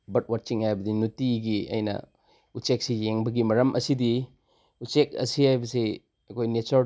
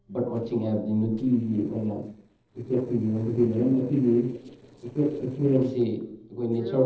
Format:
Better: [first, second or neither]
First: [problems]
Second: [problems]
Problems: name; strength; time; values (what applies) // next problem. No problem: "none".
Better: first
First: none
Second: noise reduction (neural separator model SepFormer DNS4)